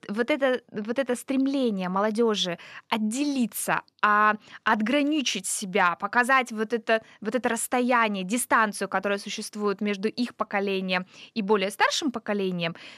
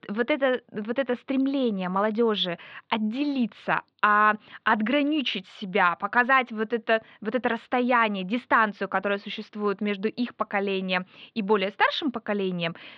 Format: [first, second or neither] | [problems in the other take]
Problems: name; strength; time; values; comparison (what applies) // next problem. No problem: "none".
first | muffled; slightly; fading above 3.5 kHz